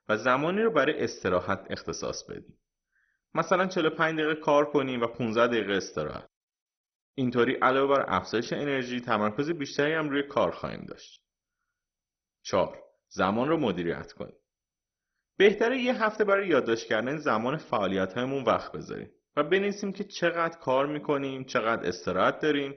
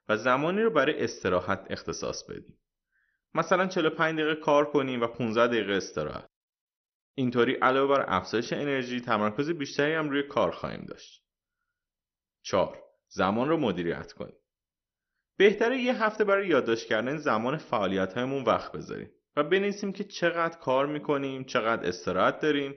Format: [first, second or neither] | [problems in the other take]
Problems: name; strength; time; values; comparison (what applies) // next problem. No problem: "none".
second | garbled, watery; badly; nothing above 6 kHz; slightly in the second